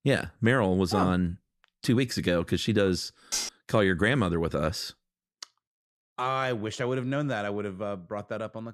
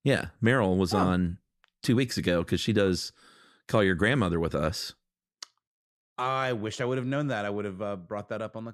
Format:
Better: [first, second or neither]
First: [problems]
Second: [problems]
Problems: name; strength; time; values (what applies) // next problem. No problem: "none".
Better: second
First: clattering dishes; noticeable; at 3.5 s; peak 3 dB below the speech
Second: none